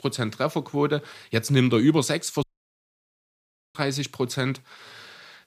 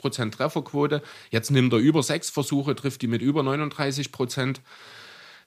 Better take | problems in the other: second | audio cutting out; at 2.5 s for 1.5 s

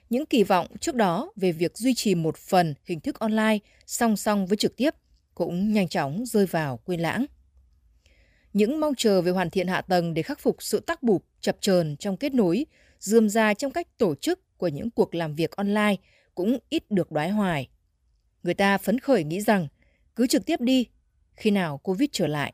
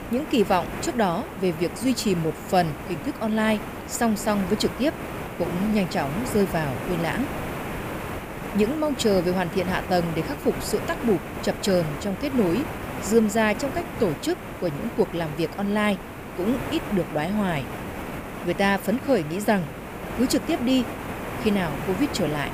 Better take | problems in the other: first | hiss; loud; throughout; 8 dB below the speech

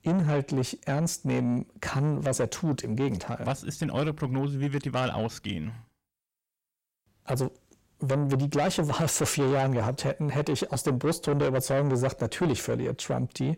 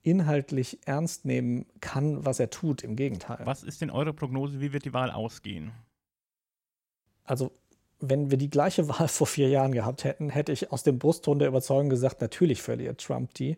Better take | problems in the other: second | distortion; heavy; 7 dB below the speech

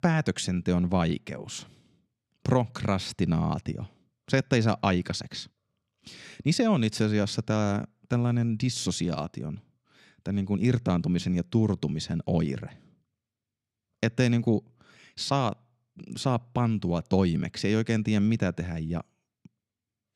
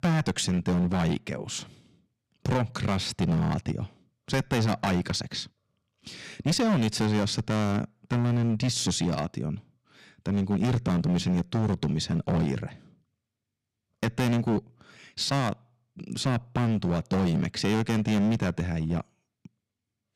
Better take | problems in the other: first | distortion; heavy; 11% of the sound clipped

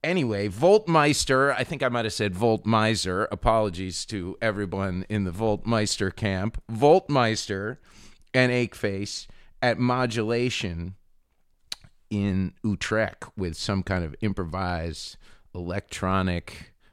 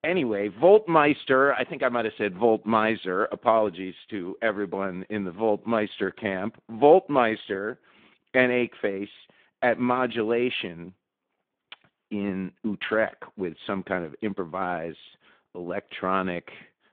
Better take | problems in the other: first | phone-call audio; nothing above 3.5 kHz

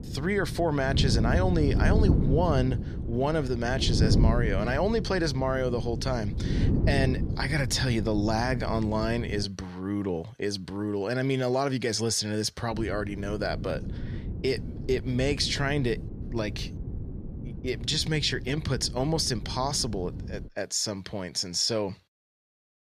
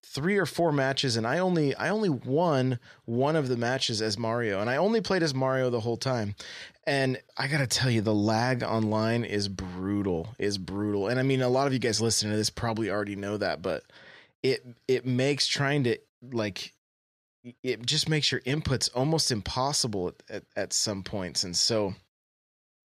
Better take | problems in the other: second | wind noise on the microphone; occasional gusts; until 9.5 s and from 13 to 20 s; 10 dB below the speech

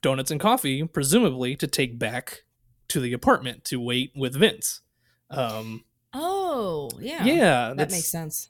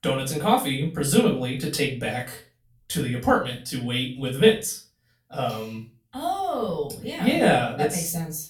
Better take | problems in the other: first | off-mic speech; far // room echo; slight; dies away in 0.3 s

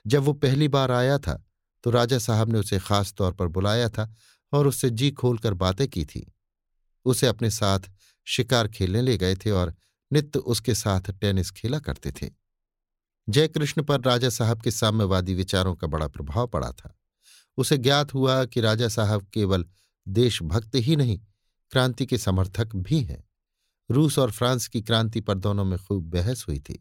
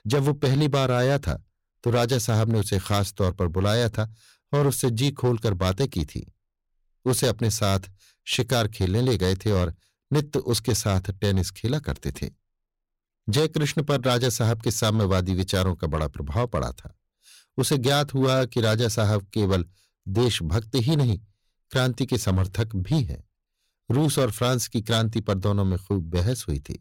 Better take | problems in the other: first | distortion; slight; 9% of the sound clipped

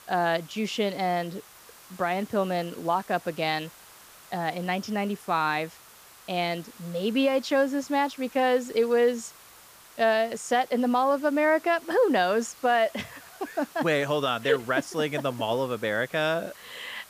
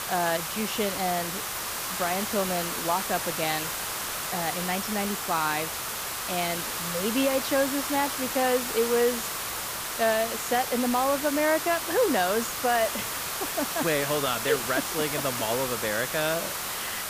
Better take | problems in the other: first | hiss; loud; throughout; 2 dB below the speech; faint in the first

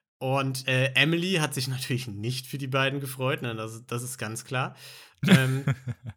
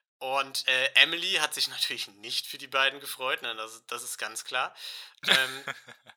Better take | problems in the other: first | thin; very; fading below 750 Hz

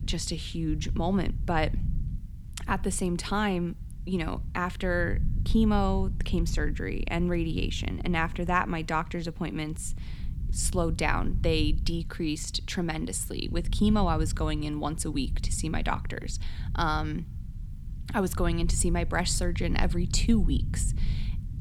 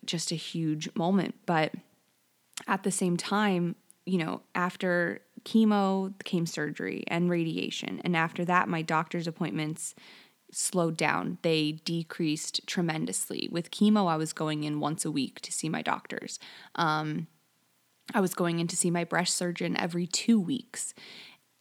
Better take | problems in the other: second | low rumble; noticeable; throughout; 20 dB below the speech

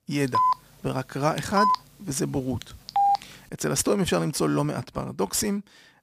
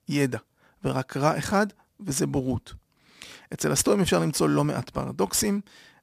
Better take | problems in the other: second | phone ringing; loud; until 3 s; peak 4 dB above the speech

